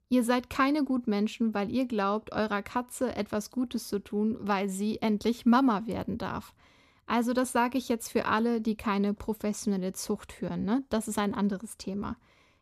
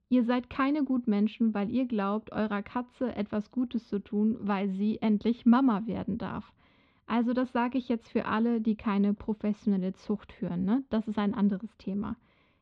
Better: first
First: none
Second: muffled; slightly; fading above 3.5 kHz

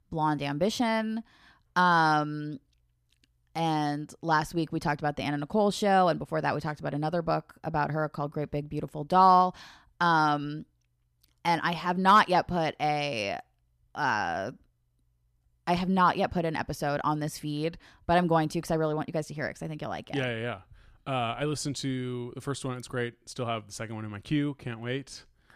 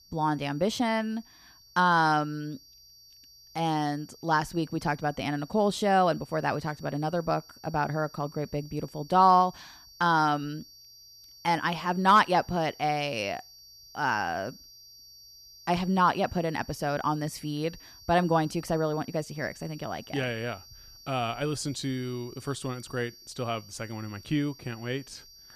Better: first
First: none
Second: high-pitched whine; faint; throughout; 4.5 kHz, 20 dB below the speech

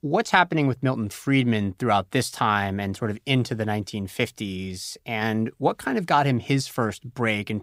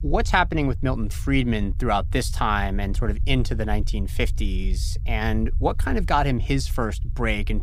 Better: first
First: none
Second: low rumble; faint; throughout; 25 dB below the speech

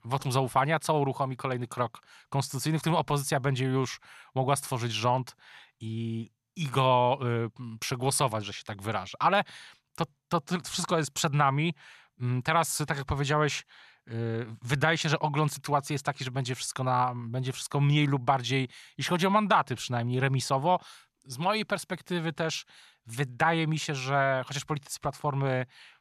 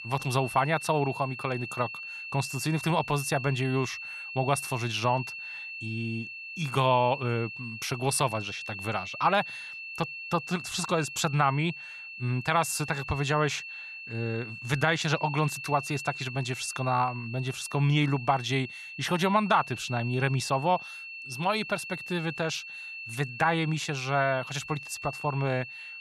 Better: first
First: none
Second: high-pitched whine; loud; throughout; 2.5 kHz, 9 dB below the speech

